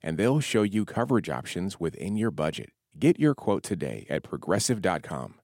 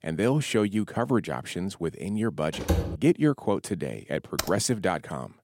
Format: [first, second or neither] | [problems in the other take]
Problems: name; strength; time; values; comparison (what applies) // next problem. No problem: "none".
first | door banging; noticeable; at 2.5 s; peak level with the speech // keyboard typing; noticeable; at 4.5 s; peak 6 dB below the speech